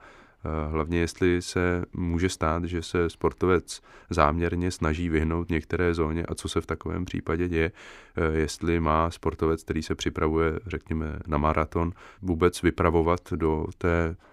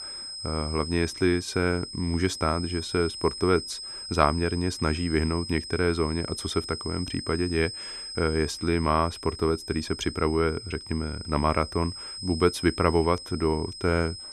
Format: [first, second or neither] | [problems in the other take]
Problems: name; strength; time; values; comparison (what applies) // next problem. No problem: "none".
first | high-pitched whine; loud; throughout; 5 kHz, 9 dB below the speech